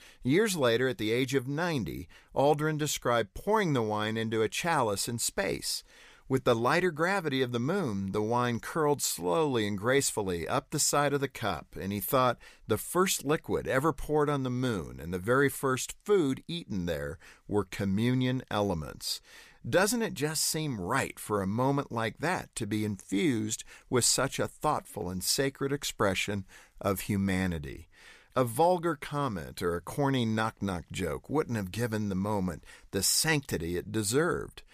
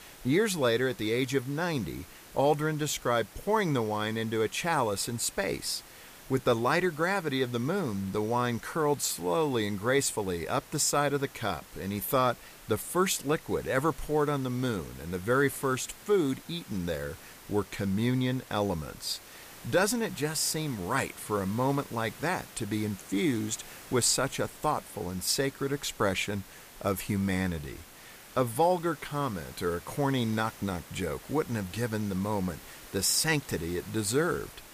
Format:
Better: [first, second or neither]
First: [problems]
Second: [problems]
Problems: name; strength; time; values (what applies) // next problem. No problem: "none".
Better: first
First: none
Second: hiss; noticeable; throughout; 20 dB below the speech